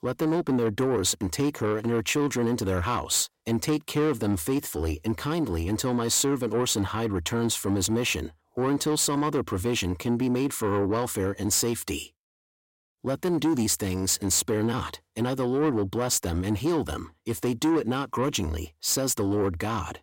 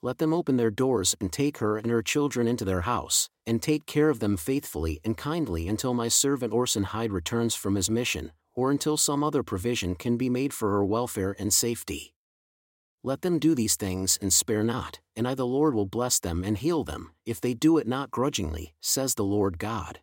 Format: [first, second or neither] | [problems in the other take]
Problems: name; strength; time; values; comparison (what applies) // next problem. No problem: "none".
second | distortion; slight; 10 dB below the speech